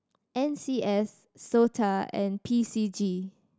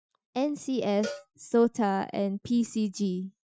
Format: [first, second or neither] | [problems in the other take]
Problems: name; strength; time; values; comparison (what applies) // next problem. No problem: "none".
first | noise reduction (classical method Wiener filter)